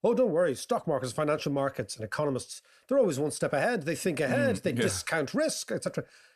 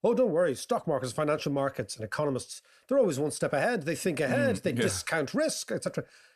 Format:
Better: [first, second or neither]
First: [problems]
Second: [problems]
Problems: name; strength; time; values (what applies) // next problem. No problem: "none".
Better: neither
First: none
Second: none